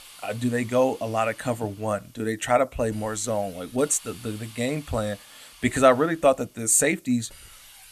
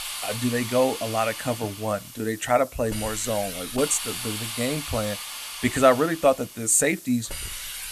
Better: first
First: hiss; faint; throughout; 20 dB below the speech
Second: hiss; loud; throughout; 8 dB below the speech

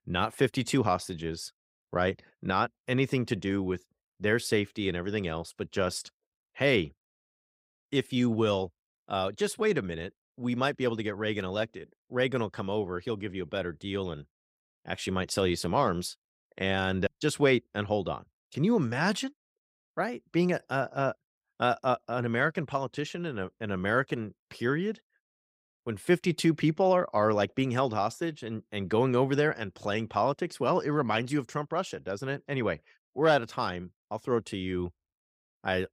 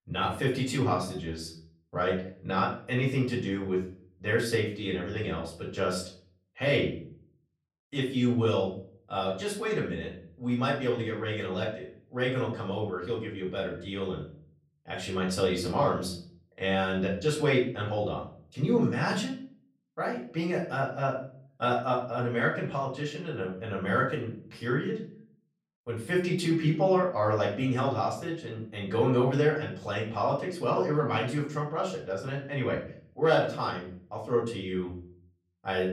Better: first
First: none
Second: off-mic speech; far // room echo; slight; dies away in 0.4 s

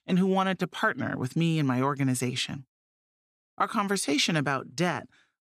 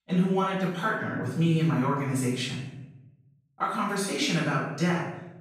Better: first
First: none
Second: room echo; noticeable; dies away in 0.8 s // off-mic speech; far

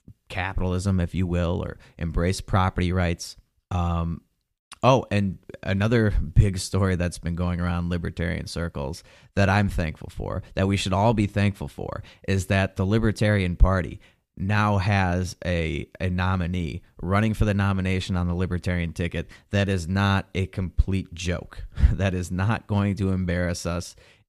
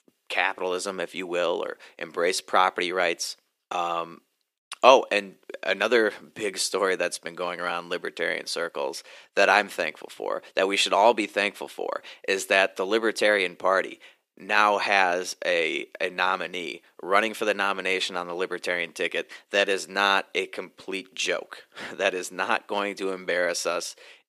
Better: first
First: none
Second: thin; very; fading below 350 Hz

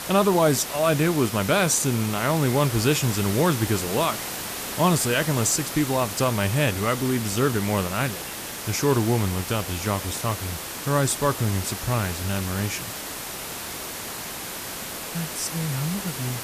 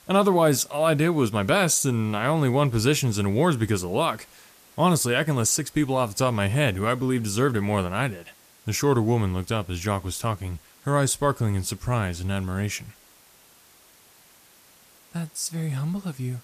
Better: second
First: hiss; loud; throughout; 7 dB below the speech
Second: hiss; faint; throughout; 30 dB below the speech

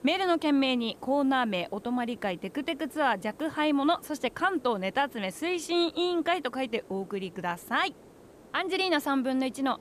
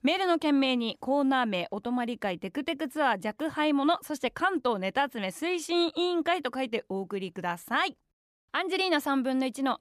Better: second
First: hiss; faint; throughout; 25 dB below the speech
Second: none

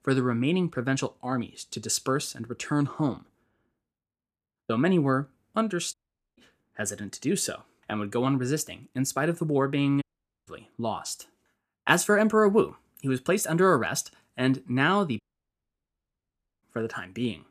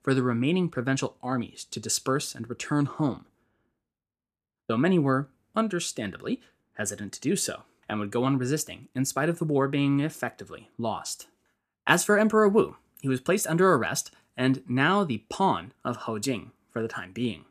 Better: second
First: audio cutting out; at 6 s, at 10 s and at 15 s for 1.5 s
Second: none

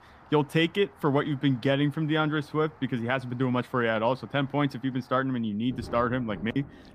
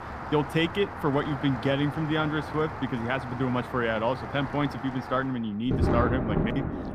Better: first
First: rain or running water; faint; throughout; 20 dB below the speech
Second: rain or running water; loud; throughout; 5 dB below the speech

